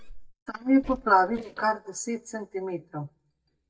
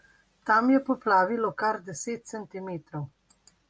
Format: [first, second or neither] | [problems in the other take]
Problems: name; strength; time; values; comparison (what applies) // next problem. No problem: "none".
second | noise reduction (neural mask model DeepFilterNet 3)